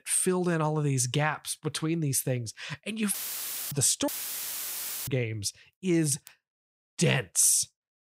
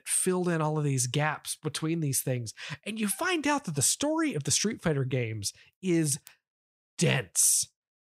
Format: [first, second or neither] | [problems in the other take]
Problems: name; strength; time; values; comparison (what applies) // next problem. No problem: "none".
second | audio cutting out; filled with static; at 3 s for 0.5 s and at 4 s for 1 s